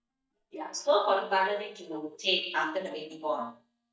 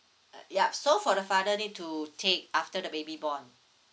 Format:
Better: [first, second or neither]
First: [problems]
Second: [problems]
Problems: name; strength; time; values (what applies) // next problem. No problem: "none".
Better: second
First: noise reduction (neural mask model DeepFilterNet 3)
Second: none